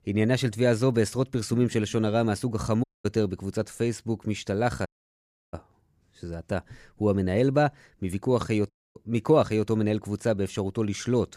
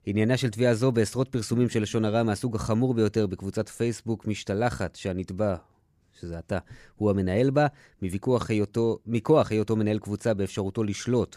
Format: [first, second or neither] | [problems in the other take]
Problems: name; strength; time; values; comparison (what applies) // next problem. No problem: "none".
second | audio cutting out; at 3 s, at 5 s for 0.5 s and at 8.5 s